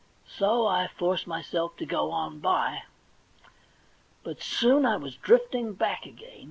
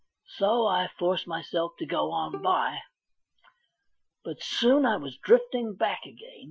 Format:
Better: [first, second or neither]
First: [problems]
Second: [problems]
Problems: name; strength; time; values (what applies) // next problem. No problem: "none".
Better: first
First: none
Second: noise reduction (classical method Wiener filter)